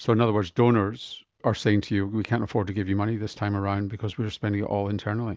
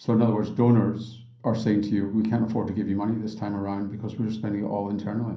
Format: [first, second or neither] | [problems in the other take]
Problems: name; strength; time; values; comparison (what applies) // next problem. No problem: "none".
first | room echo; dies away in 0.6 s